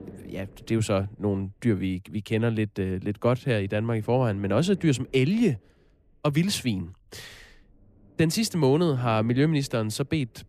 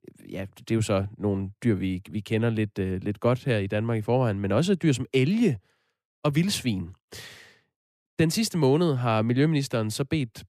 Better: second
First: low rumble; faint; throughout; 25 dB below the speech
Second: none

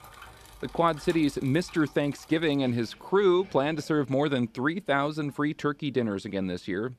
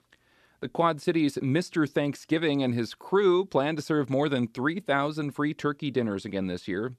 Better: second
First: traffic noise; faint; throughout; 25 dB below the speech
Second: none

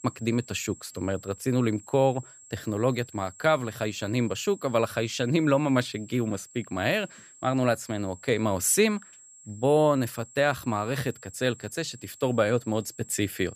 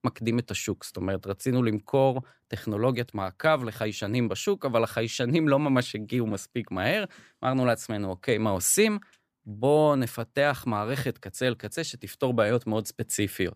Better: second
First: high-pitched whine; faint; throughout; 7.5 kHz, 20 dB below the speech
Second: none

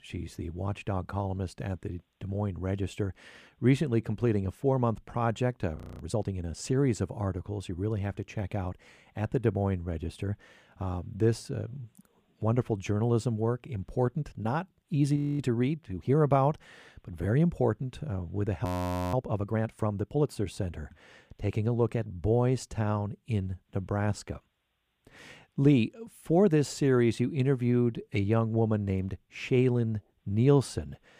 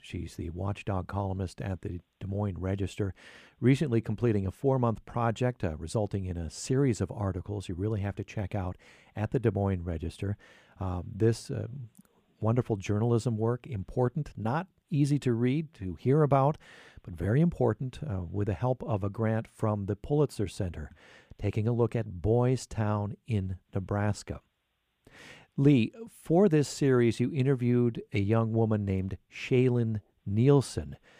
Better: second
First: audio freezing; at 6 s, at 15 s and at 19 s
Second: none

